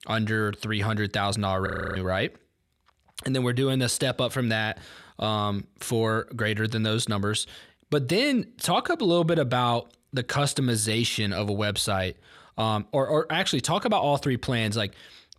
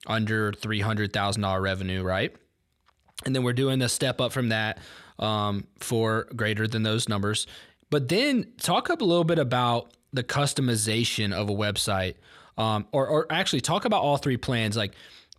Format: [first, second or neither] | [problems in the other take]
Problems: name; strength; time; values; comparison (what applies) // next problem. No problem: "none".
second | audio freezing; at 1.5 s